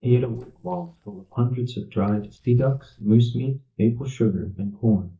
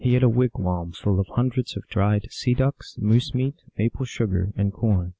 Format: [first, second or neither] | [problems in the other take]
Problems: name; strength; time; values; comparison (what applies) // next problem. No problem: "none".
second | noise reduction (neural mask model DeepFilterNet 3)